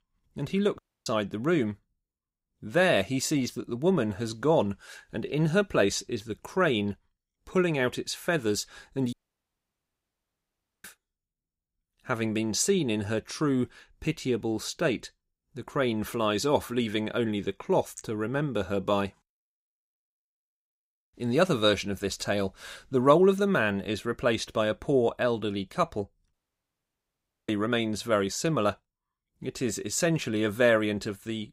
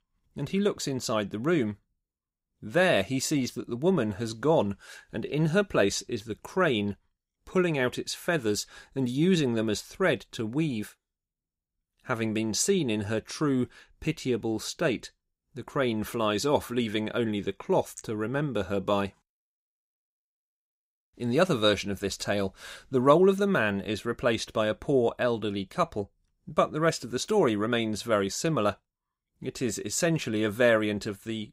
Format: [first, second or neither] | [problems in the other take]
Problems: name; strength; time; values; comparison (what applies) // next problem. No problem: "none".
second | audio cutting out; at 1 s, at 9 s for 1.5 s and at 26 s for 1 s